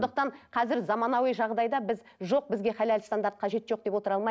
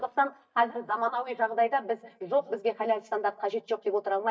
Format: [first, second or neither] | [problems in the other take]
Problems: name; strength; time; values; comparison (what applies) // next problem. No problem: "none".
first | noise reduction (neural mask model DeepFilterNet 3)